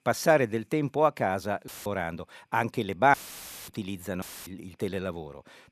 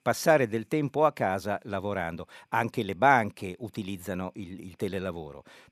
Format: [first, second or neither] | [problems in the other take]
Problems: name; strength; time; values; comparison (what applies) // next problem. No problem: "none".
second | audio cutting out; filled with static; at 1.5 s, at 3 s for 0.5 s and at 4 s